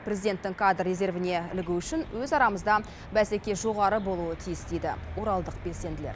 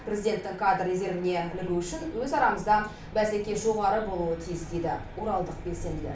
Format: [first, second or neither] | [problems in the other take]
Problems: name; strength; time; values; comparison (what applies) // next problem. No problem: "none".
first | room echo; dies away in 0.4 s